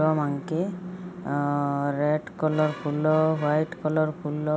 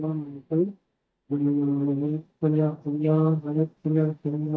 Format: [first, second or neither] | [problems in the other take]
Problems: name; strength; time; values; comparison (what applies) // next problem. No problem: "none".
first | noise reduction (neural mask model DeepFilterNet 3)